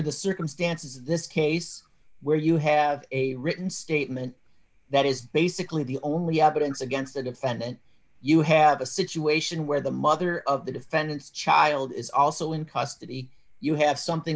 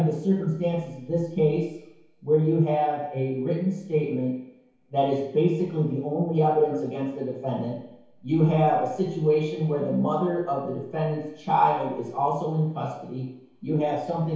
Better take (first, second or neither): first